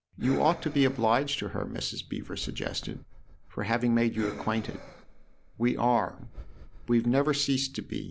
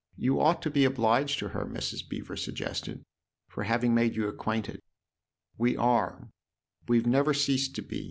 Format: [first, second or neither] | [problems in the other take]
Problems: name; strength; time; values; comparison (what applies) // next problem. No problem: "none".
second | background sound (Breathing); 16 dB below the speech